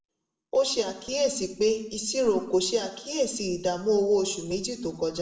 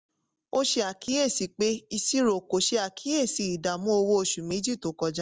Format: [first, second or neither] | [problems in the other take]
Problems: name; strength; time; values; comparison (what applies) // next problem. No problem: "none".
second | room echo; dies away in 0.7 s